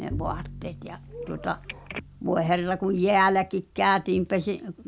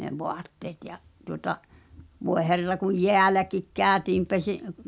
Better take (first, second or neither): second